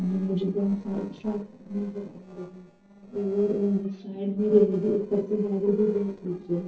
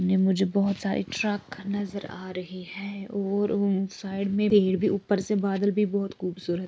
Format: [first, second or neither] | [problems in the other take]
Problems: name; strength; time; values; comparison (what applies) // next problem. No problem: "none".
second | noise reduction (neural separator model SepFormer DNS4)